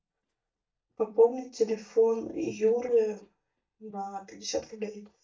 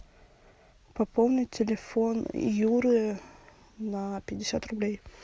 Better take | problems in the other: second | noise reduction (neural mask model DeepFilterNet 3)

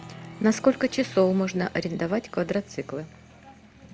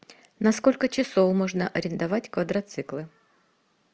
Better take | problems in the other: second | background sound (Applause); 19 dB below the speech

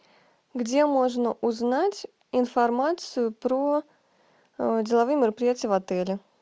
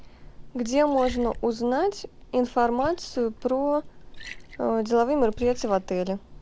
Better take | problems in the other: first | background sound (Liquid); 13 dB below the speech

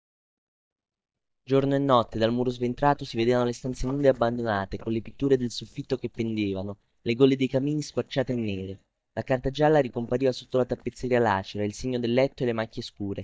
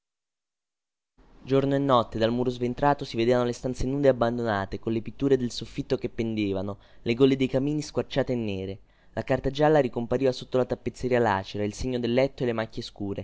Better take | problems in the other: second | noise reduction (neural mask model DeepFilterNet 3)

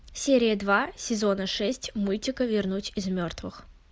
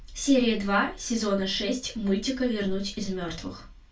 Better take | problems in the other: first | room echo; dies away in 0.2 s

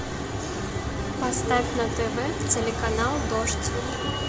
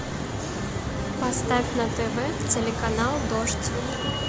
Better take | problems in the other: second | room echo; dies away in 2.2 s

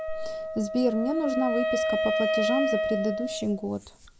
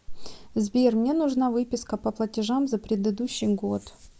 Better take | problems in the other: second | background sound (Wind instrument, woodwind instrument); as loud as the speech

